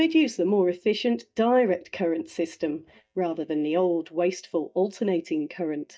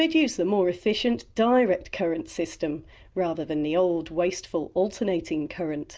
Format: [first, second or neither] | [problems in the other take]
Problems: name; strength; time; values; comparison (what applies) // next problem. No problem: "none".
second | noise reduction (neural mask model DeepFilterNet 3)